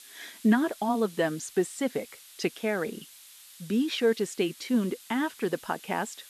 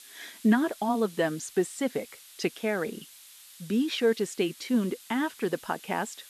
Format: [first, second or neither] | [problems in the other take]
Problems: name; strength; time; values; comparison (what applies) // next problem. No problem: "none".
neither | hiss; noticeable; throughout; 20 dB below the speech; the same in both